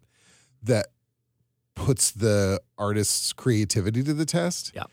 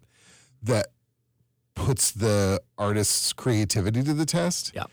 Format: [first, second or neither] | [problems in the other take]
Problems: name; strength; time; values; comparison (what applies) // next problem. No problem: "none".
first | distortion; slight; 10 dB below the speech